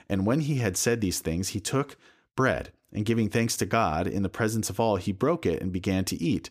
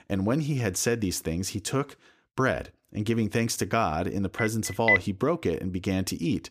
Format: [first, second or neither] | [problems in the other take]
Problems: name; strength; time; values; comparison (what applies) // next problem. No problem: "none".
first | phone ringing; loud; at 4.5 s; peak 5 dB above the speech